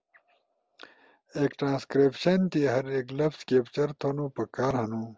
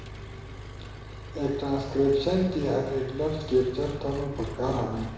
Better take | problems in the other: first | background sound (Engine); 10 dB below the speech // room echo; dies away in 1 s

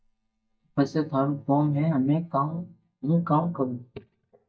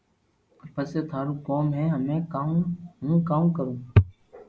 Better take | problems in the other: second | noise reduction (neural mask model DeepFilterNet 3)

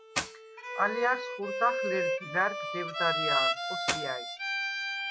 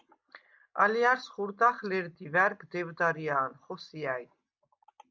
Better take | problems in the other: second | noise reduction (classical method log-MMSE)

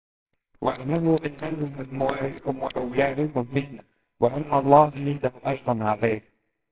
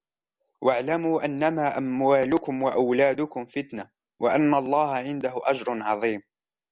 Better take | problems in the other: second | noise reduction (neural separator model SepFormer WHAMR!)

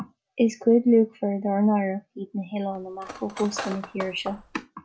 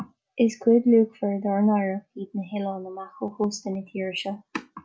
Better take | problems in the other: second | background sound (Cutlery, silverware); 13 dB below the speech

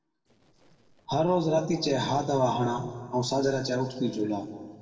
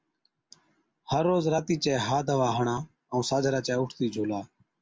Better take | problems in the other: second | noise reduction (neural separator model SepFormer DNS4)

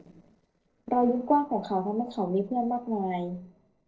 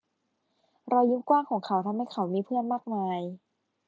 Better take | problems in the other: second | noise reduction (neural separator model SepFormer DNS4)

